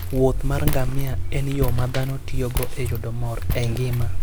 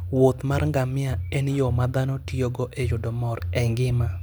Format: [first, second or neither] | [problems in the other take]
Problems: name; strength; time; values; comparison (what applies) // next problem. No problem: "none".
second | background sound (Walk, footsteps); 2 dB above the speech